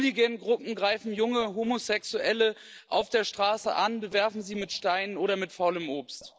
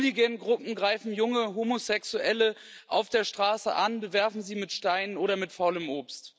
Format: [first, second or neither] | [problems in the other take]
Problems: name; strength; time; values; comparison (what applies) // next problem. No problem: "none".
second | noise reduction (neural separator model SepFormer DNS4)